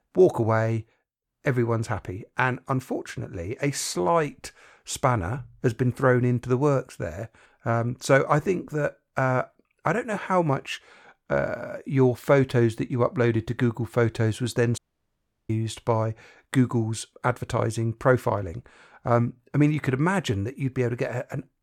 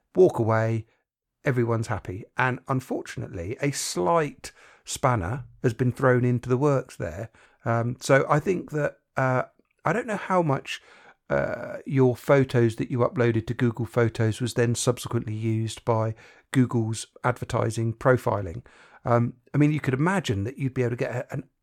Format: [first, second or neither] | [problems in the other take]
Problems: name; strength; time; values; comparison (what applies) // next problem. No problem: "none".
second | audio cutting out; at 15 s for 0.5 s